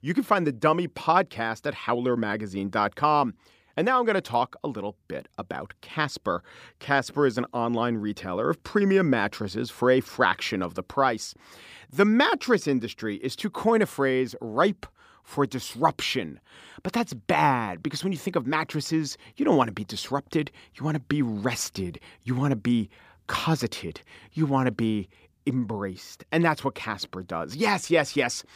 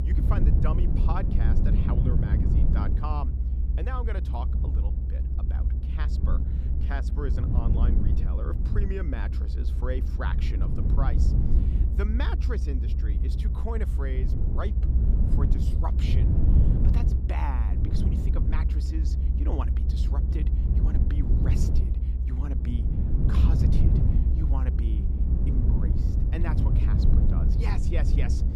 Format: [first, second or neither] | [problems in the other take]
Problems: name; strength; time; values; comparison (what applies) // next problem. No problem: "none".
first | low rumble; loud; throughout; 1 dB below the speech